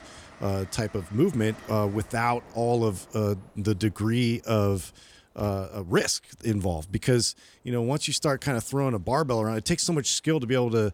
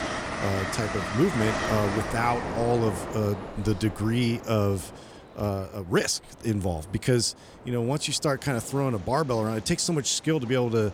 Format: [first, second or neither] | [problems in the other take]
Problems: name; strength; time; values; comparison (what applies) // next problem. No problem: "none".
first | train or aircraft noise; loud; throughout; 7 dB below the speech; faint in the first